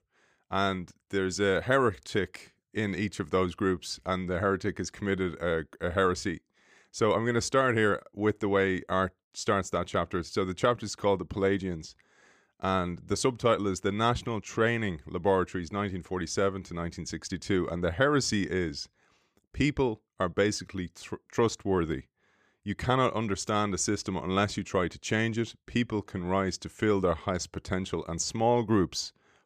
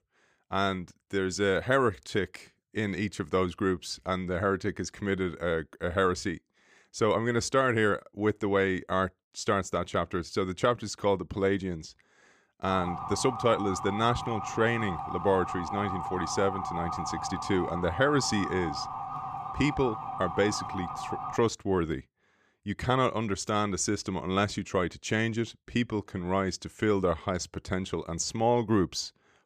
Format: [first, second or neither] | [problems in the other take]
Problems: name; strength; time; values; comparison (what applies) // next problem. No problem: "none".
first | siren; noticeable; from 13 to 21 s; peak 5 dB below the speech